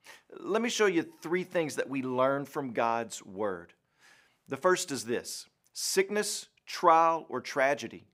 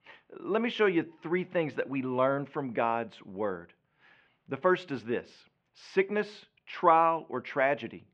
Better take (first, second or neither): first